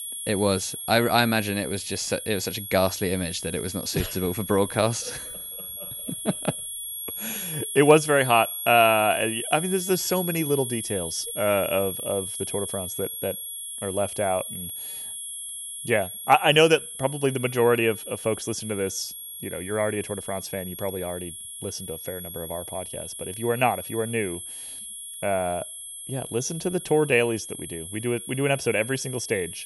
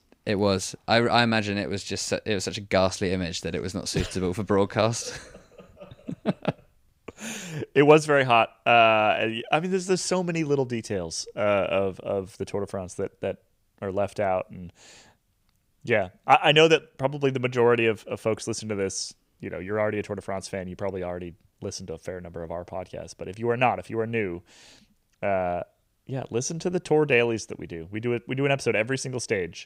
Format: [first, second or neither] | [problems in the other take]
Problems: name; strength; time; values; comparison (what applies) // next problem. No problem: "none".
second | high-pitched whine; loud; throughout; 11 kHz, 8 dB below the speech